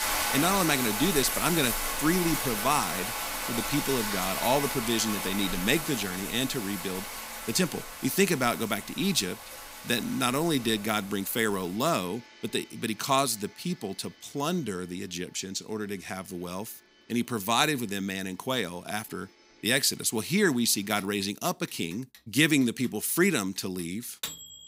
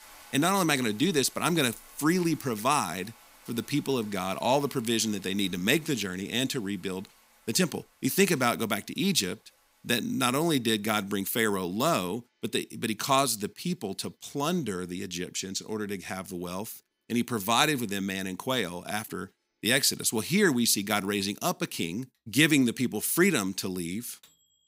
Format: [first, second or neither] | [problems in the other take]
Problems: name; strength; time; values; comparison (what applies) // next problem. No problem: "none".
second | household noises; loud; throughout; 4 dB below the speech; faint in the second